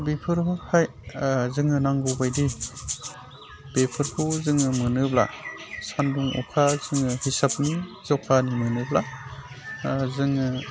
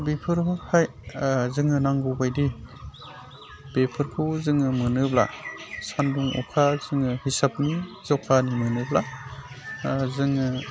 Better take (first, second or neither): second